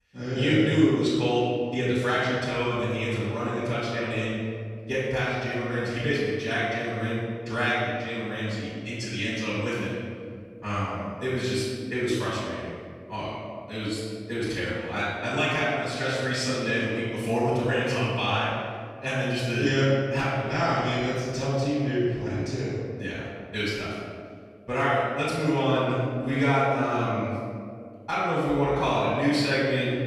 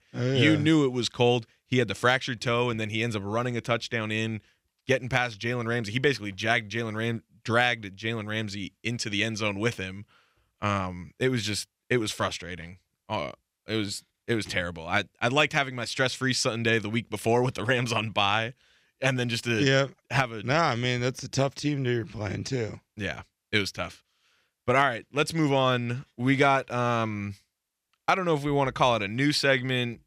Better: second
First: room echo; strong; dies away in 1.9 s // off-mic speech; far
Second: none

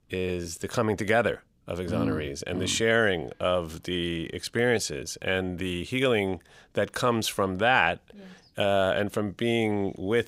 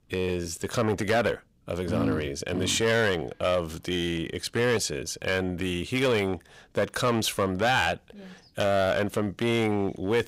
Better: first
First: none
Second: distortion; slight; 6% of the sound clipped

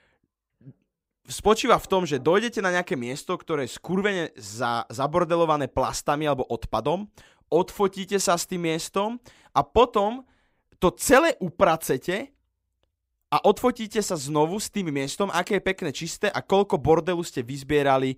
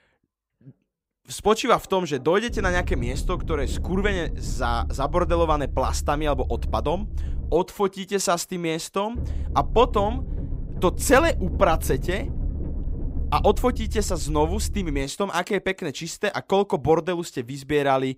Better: first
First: none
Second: low rumble; faint; from 2.5 to 7.5 s and from 9 to 15 s; 20 dB below the speech

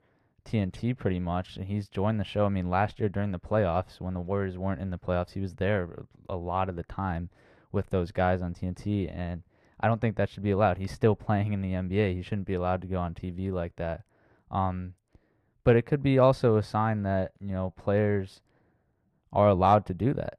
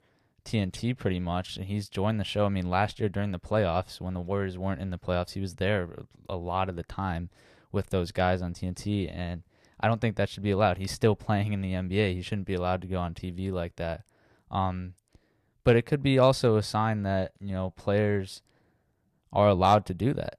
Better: second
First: muffled; slightly; fading above 3 kHz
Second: none

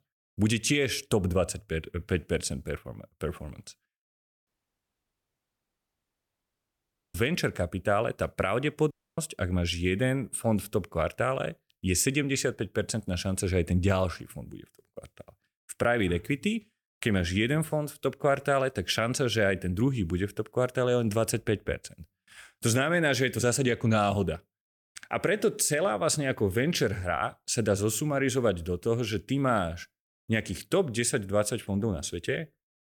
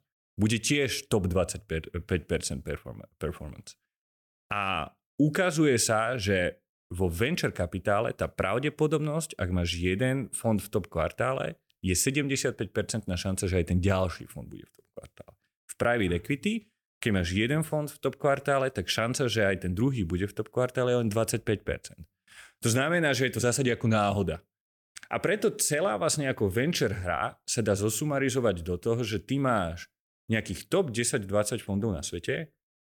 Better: second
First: audio cutting out; at 4.5 s for 2.5 s and at 9 s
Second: none

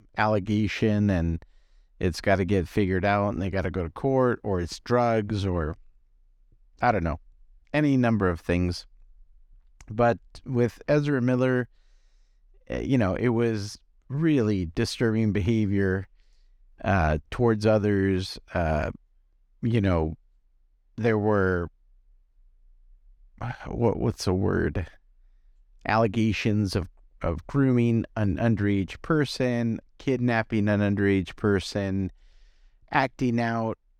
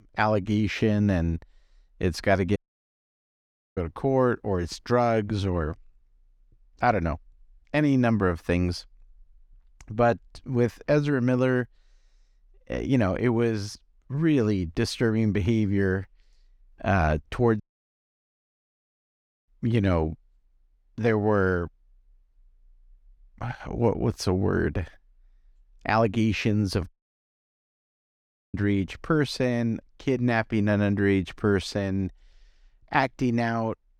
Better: first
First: none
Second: audio cutting out; at 2.5 s for 1 s, at 18 s for 2 s and at 27 s for 1.5 s

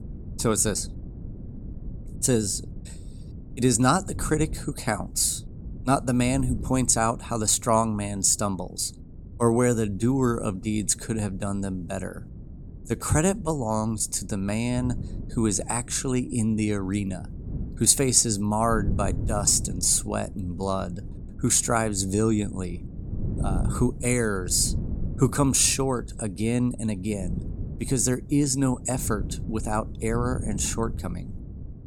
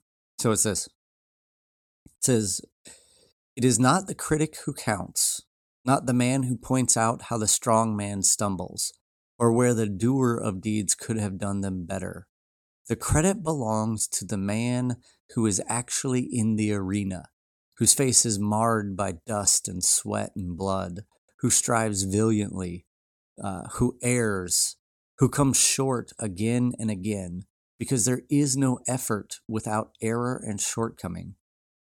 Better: second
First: wind noise on the microphone; occasional gusts; 20 dB below the speech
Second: none

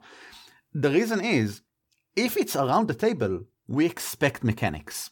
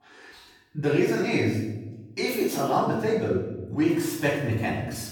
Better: first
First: none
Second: off-mic speech; far // room echo; noticeable; dies away in 0.9 s

